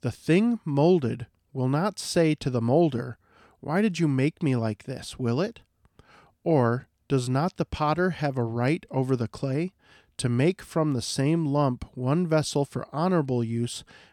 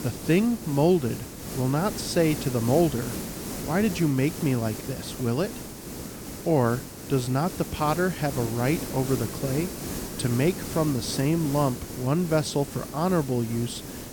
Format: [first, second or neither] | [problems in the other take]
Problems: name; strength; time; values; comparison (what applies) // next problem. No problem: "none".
first | hiss; loud; throughout; 9 dB below the speech